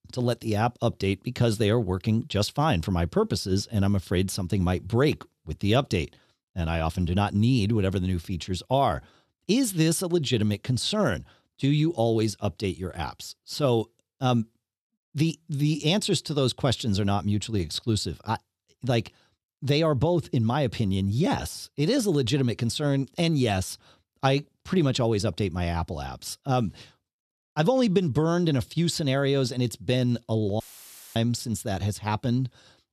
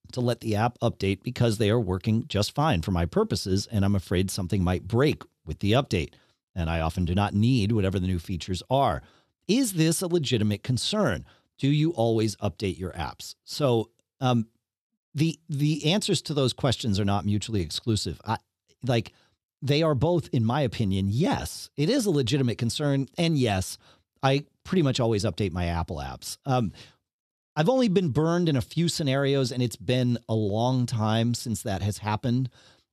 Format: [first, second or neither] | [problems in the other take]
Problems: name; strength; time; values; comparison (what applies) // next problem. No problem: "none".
second | audio cutting out; filled with static; at 31 s for 0.5 s